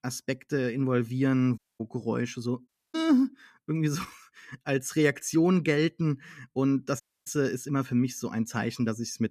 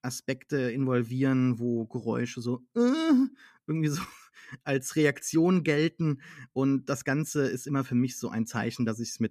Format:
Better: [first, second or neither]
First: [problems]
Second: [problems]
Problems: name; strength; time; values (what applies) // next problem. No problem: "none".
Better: second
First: audio cutting out; at 1.5 s, at 2.5 s and at 7 s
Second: none